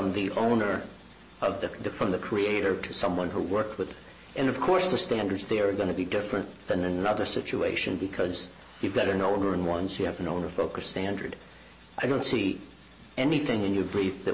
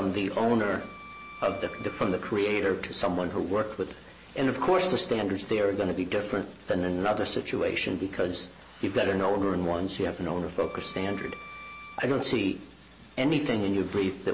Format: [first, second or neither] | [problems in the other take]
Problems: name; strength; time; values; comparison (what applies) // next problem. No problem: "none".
first | background sound (Wind instrument, woodwind instrument); 18 dB below the speech